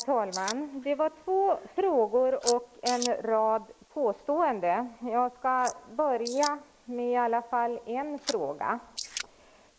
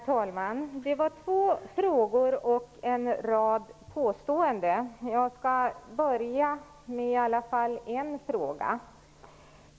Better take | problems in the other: second | noise reduction (neural mask model Resemble Enhance denoiser)

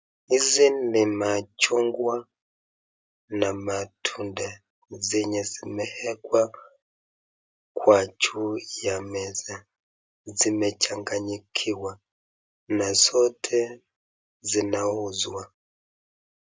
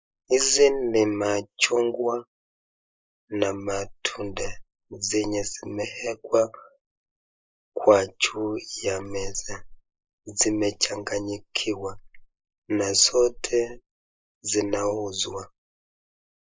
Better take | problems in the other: first | noise reduction (neural mask model Resemble Enhance denoiser)

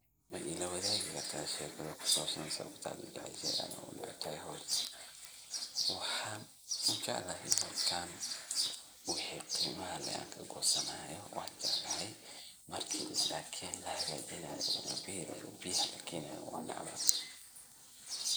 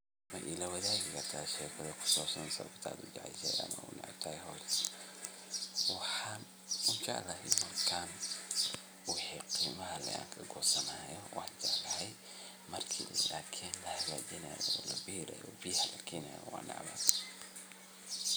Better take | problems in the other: second | noise reduction (neural mask model Resemble Enhance denoiser)

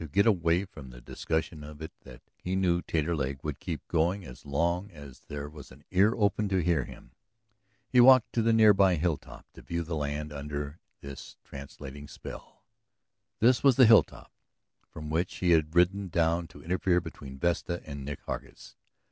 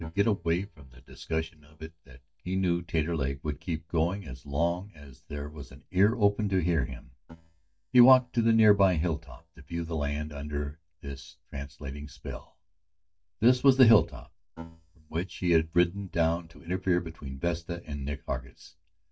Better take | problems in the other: first | noise reduction (neural mask model DeepFilterNet 3)

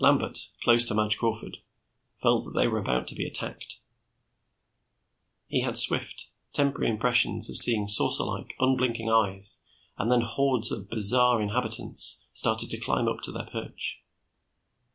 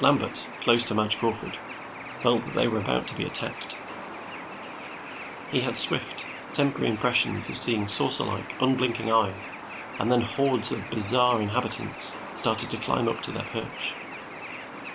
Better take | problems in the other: first | background sound (Bird); 10 dB below the speech

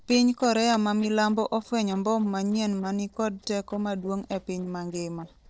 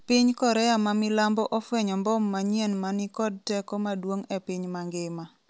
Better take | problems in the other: second | noise reduction (neural separator model SepFormer DNS4)

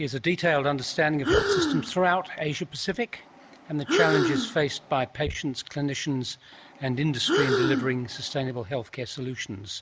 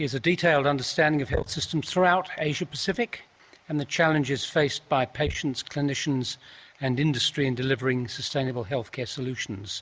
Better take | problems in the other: second | background sound (Breathing); 1 dB below the speech

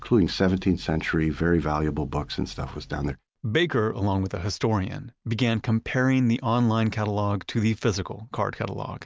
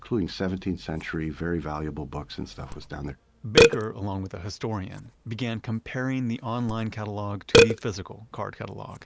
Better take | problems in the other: first | background sound (Burping, eructation); 3 dB above the speech

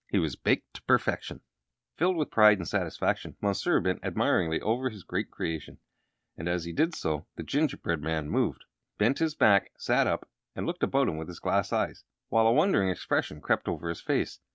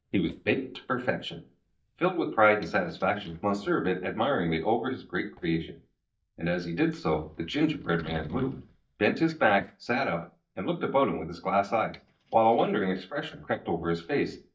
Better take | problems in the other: first | noise reduction (neural mask model DeepFilterNet 3)

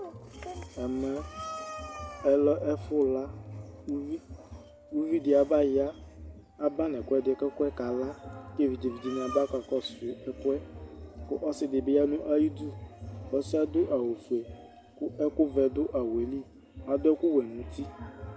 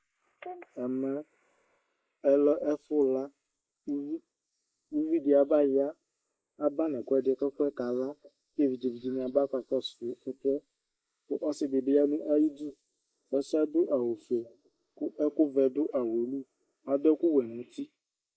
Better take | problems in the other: first | noise reduction (neural mask model Resemble Enhance denoiser)

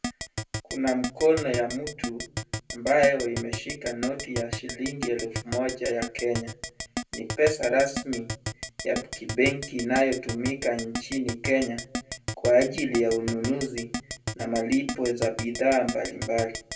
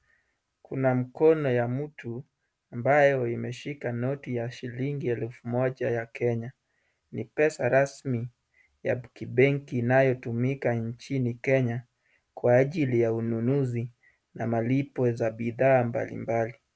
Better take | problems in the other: second | background sound (Keyboard (musical)); 8 dB below the speech // room echo; dies away in 0.2 s

